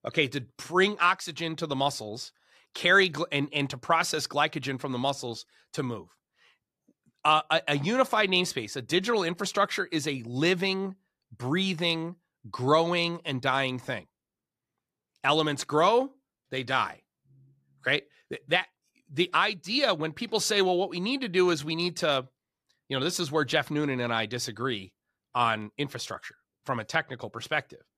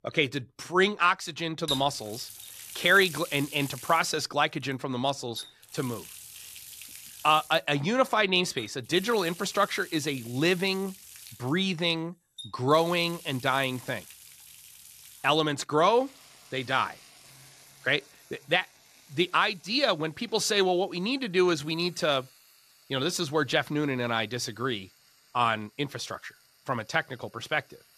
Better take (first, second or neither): first